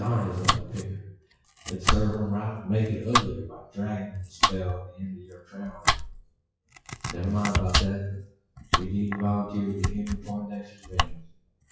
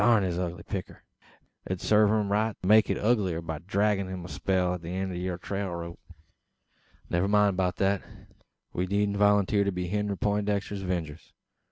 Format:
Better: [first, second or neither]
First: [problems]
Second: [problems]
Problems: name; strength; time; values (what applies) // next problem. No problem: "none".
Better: second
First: noise reduction (classical method WPE with log-MMSE)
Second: none